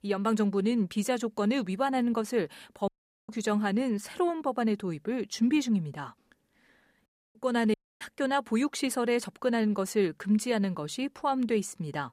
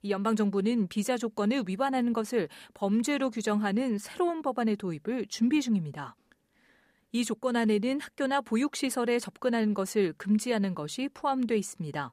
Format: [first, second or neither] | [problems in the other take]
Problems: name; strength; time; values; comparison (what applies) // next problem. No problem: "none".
second | audio cutting out; at 3 s, at 7 s and at 7.5 s